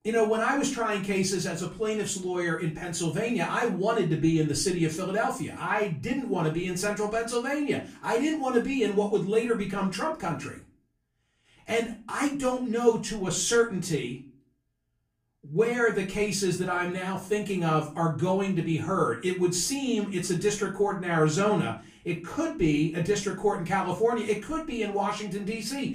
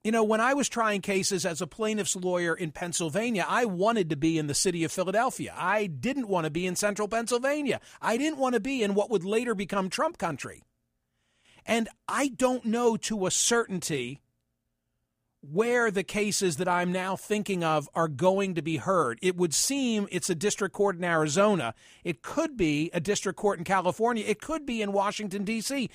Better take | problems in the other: second | off-mic speech; far // room echo; slight; dies away in 0.3 s

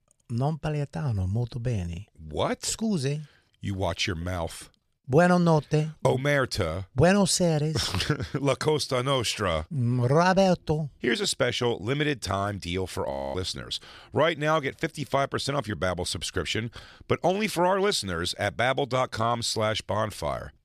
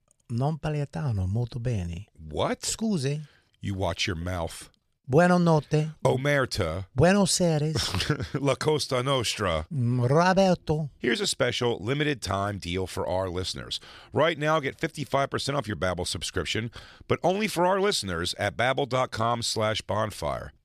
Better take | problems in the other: second | audio freezing; at 13 s

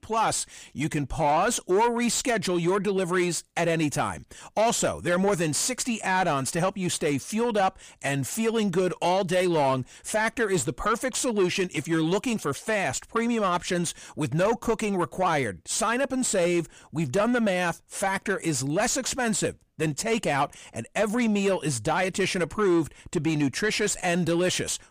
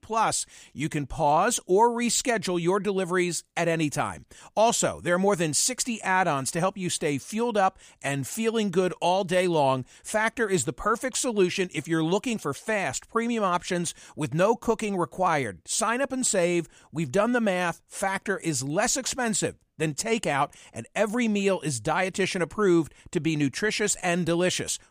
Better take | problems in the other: second | distortion; slight; 10 dB below the speech

